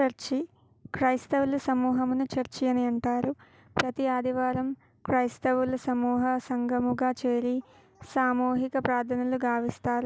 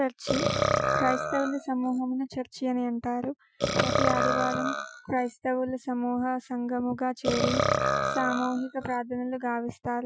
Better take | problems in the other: first | noise reduction (classical method Wiener filter)

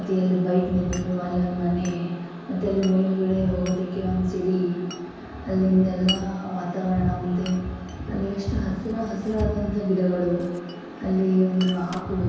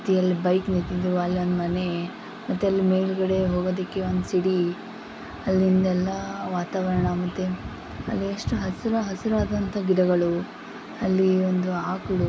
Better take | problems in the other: second | background sound (Glass); 19 dB below the speech // room echo; dies away in 1.2 s

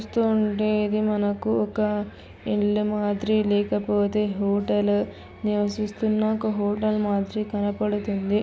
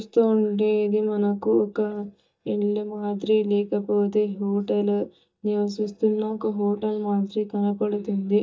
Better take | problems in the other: first | noise reduction (neural mask model DeepFilterNet 3)

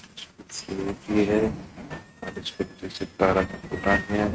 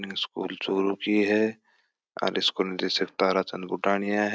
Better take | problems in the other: second | noise reduction (neural mask model RNNoise)

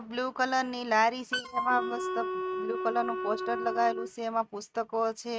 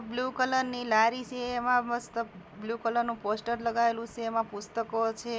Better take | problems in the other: second | noise reduction (neural mask model RNNoise)

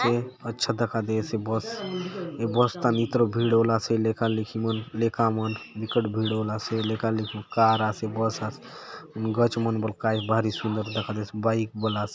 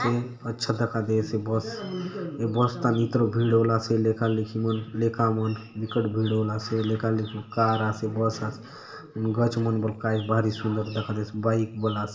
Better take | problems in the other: first | room echo; dies away in 1.2 s

